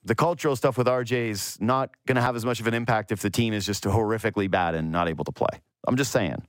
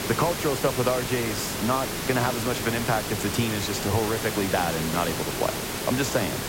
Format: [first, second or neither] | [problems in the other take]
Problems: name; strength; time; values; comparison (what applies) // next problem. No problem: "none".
first | hiss; loud; throughout; 2 dB below the speech